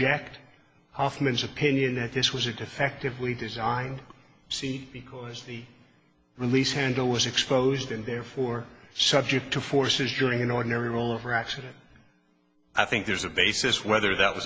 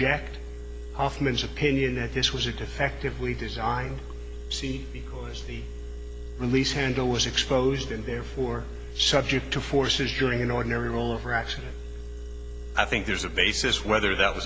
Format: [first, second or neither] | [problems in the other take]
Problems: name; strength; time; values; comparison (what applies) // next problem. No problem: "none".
first | background sound (Engine); 8 dB below the speech